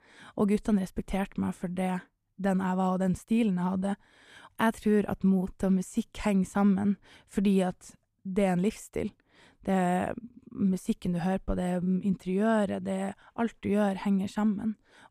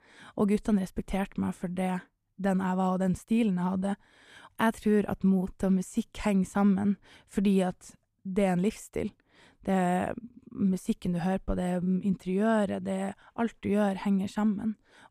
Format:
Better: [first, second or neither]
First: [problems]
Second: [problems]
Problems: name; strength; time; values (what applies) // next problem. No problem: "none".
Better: neither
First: none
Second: none